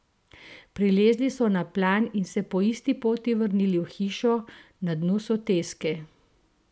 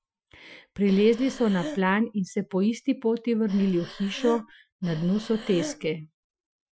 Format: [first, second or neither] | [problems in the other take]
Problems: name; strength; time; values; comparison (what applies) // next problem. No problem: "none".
first | noise reduction (classical method Wiener filter)